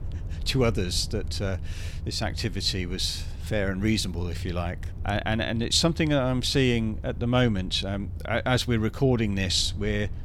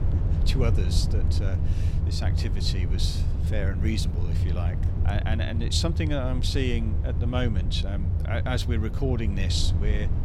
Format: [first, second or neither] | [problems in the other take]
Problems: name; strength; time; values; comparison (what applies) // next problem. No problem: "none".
first | low rumble; loud; throughout; 8 dB below the speech; faint in the first